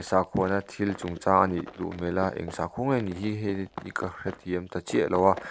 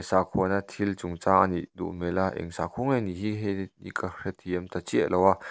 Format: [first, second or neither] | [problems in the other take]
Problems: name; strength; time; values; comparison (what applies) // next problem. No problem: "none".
second | background sound (Run); 17 dB below the speech